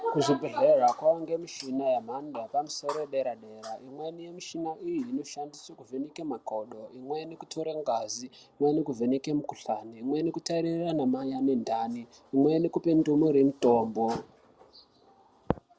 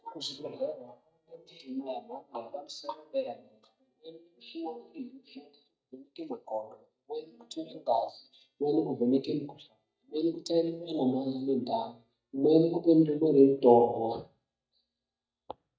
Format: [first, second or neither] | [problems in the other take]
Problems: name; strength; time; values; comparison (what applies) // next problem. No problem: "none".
first | noise reduction (neural mask model DeepFilterNet 3)